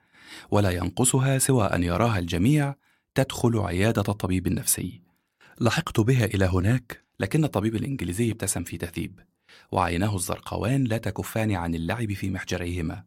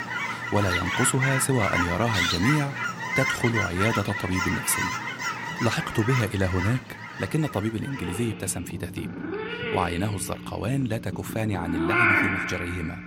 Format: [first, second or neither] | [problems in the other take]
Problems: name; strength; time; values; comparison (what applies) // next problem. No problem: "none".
first | animal sounds; loud; throughout; as loud as the speech